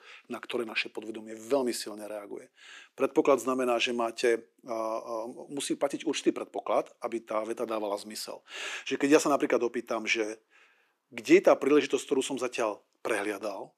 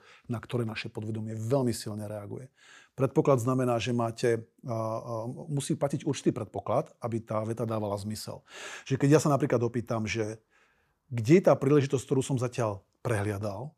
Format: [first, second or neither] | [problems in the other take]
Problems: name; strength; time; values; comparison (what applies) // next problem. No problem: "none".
second | thin; very slightly; fading below 300 Hz